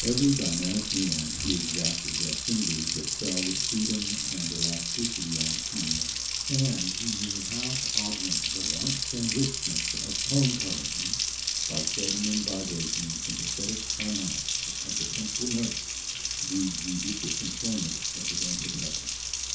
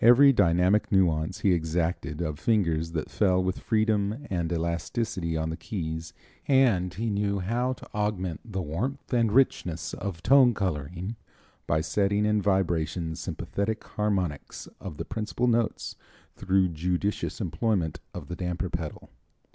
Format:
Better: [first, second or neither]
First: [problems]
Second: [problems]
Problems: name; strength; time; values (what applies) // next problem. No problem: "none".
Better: second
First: background sound (Water tap, faucet); 3 dB above the speech // room echo; dies away in 0.9 s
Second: none